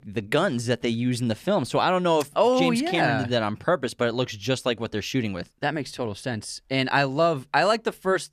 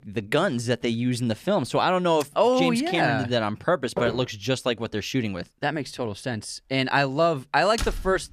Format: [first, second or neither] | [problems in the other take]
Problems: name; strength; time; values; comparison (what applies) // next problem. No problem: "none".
first | footsteps; noticeable; at 4 s; peak 6 dB below the speech // door banging; noticeable; at 8 s; peak 8 dB below the speech